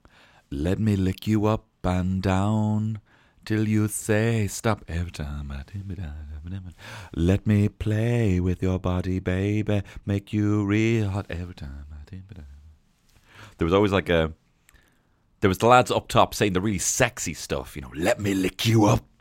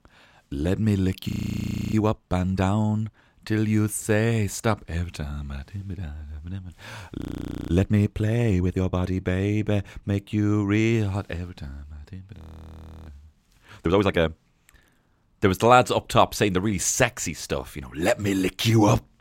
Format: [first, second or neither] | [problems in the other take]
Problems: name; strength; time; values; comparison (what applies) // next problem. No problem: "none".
first | audio freezing; at 1.5 s for 0.5 s, at 7 s for 0.5 s and at 12 s for 0.5 s